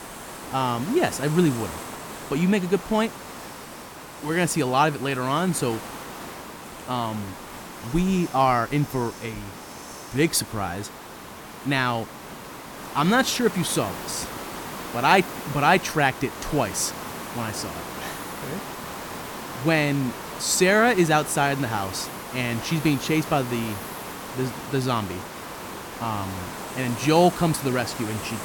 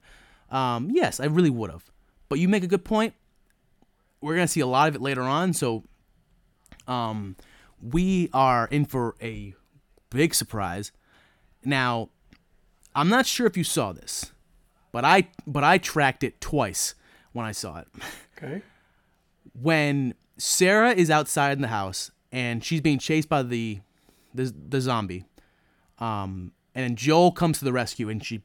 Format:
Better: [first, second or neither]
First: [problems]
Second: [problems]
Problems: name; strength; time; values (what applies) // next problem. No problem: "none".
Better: second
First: hiss; noticeable; throughout; 10 dB below the speech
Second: none